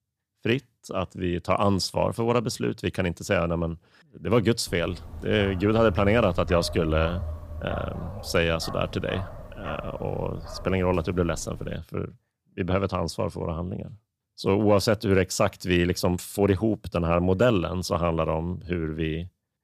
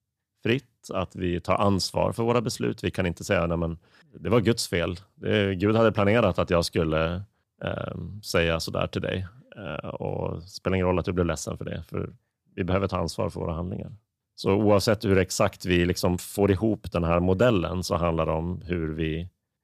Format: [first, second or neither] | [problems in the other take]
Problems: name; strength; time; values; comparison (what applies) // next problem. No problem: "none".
second | dog barking; noticeable; from 4.5 to 12 s; peak 4 dB below the speech